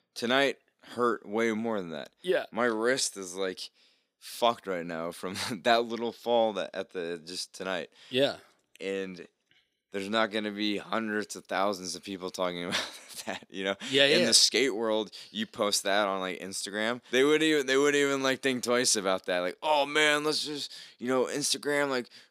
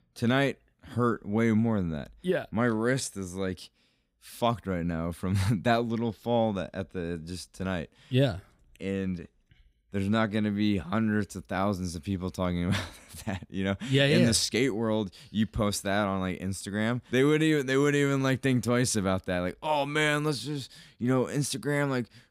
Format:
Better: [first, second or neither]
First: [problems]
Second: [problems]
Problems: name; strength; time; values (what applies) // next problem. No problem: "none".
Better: second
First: thin; somewhat; fading below 400 Hz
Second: none